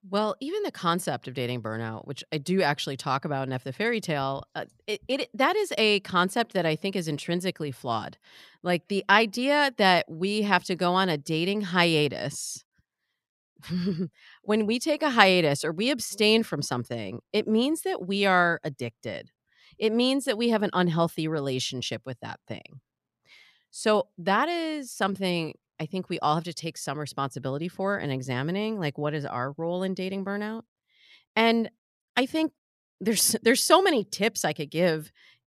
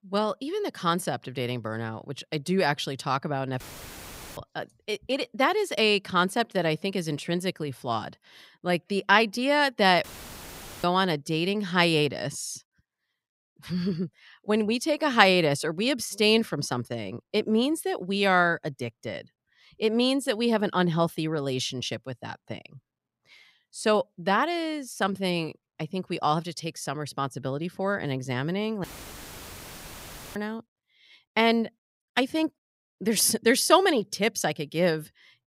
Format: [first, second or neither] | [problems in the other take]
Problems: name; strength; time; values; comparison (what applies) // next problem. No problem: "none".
first | audio cutting out; filled with static; at 3.5 s for 1 s, at 10 s for 1 s and at 29 s for 1.5 s